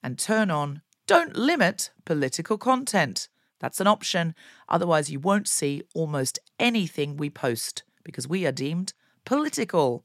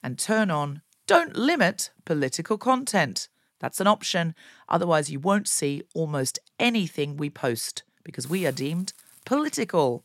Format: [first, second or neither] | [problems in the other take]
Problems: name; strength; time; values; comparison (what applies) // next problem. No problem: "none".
first | hiss; faint; throughout; 20 dB below the speech